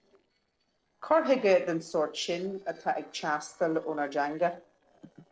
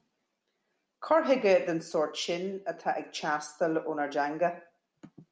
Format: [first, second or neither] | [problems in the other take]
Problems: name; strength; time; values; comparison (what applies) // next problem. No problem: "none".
second | noise reduction (neural separator model SepFormer DNS4)